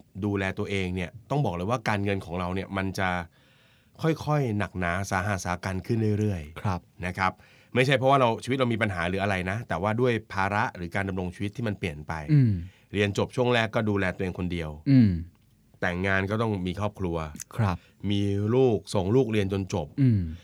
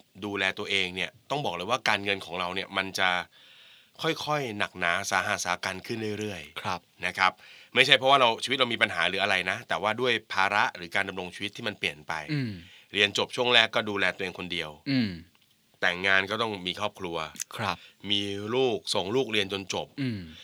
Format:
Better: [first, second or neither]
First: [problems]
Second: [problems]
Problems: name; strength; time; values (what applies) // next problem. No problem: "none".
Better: first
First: none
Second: thin; somewhat; fading below 750 Hz